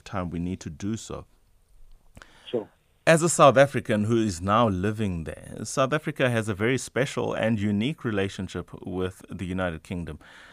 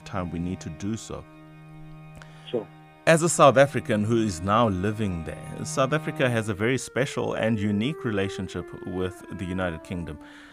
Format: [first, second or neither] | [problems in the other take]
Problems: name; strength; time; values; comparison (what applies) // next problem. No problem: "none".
first | background music; noticeable; throughout; 20 dB below the speech